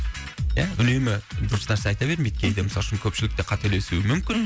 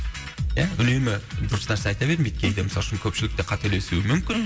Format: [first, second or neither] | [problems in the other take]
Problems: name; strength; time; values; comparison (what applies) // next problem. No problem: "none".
first | room echo; dies away in 2.4 s